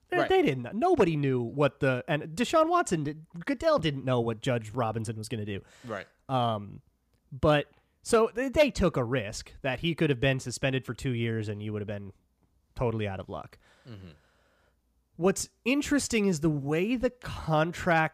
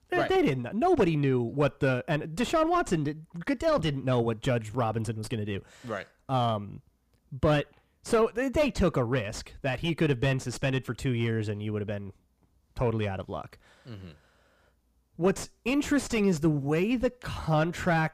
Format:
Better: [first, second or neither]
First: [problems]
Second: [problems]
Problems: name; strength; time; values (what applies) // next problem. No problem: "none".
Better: first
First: none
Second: distortion; slight; 9 dB below the speech